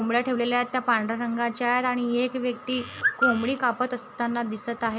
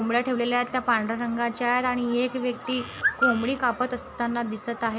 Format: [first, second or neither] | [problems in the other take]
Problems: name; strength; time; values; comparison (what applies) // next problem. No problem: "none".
first | background sound (Crowd); 19 dB below the speech